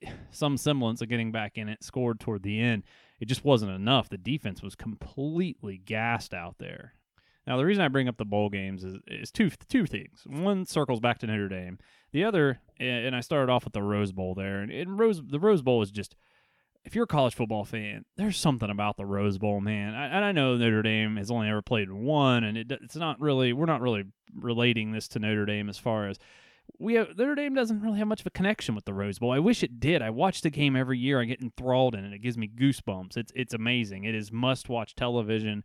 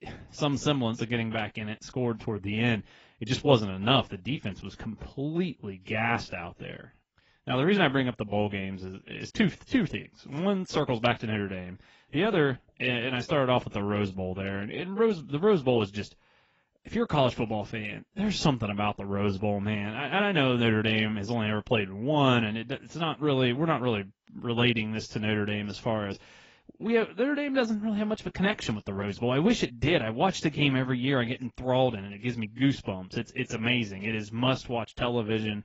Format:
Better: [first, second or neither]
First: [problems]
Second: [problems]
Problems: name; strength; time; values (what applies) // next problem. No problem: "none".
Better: first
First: none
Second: garbled, watery; badly; nothing above 7.5 kHz